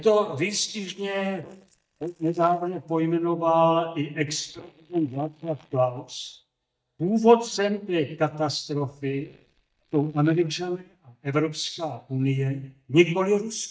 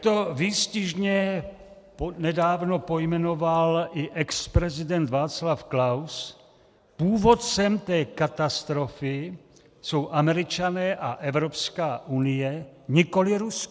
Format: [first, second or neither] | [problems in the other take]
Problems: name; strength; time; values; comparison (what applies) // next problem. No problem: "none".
second | noise reduction (neural mask model DeepFilterNet 3)